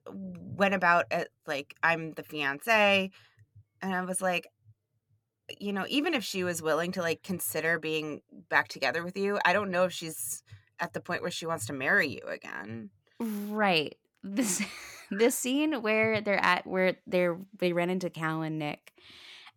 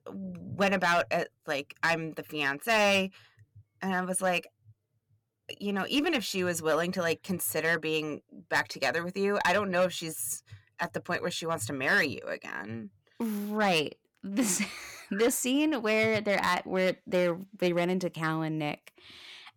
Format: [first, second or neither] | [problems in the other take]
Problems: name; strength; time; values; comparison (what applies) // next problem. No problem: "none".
first | distortion; slight; 3% of the sound clipped